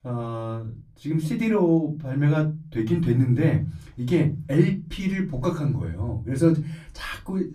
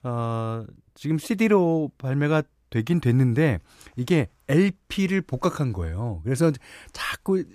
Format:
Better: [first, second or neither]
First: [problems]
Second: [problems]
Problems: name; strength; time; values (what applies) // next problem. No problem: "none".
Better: second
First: off-mic speech; far // room echo; very slight; dies away in 0.5 s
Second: none